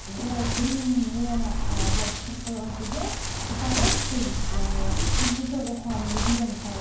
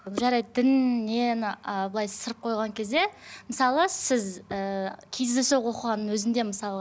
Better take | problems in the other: second | background sound (Wind); 4 dB above the speech // room echo; dies away in 0.9 s

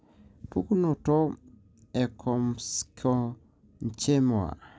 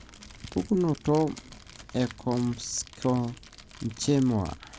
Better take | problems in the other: first | background sound (Crumpling, crinkling); 19 dB below the speech

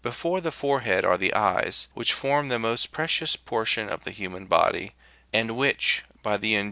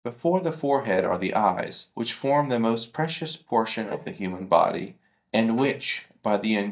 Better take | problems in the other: first | noise reduction (neural mask model DeepFilterNet 3)

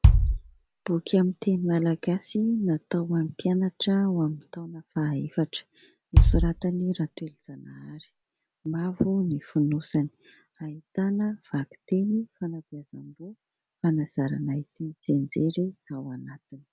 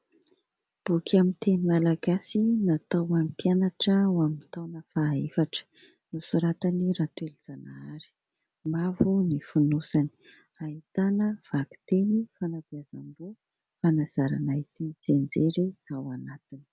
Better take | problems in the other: second | background sound (Bass drum); 4 dB above the speech

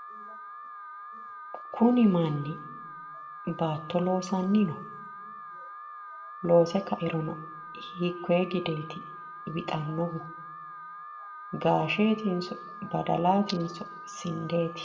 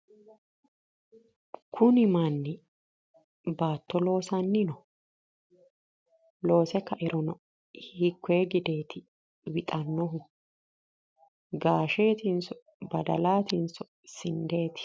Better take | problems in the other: second | background sound (Alarm); 13 dB below the speech // room echo; dies away in 0.6 s

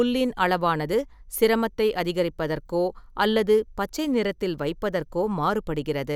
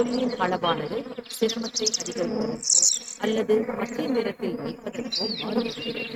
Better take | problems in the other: first | noise reduction (neural mask model RNNoise)

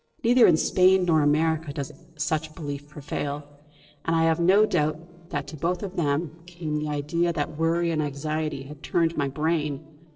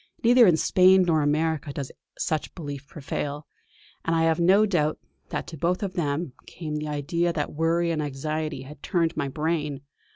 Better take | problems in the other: second | noise reduction (neural separator model SepFormer DNS4)

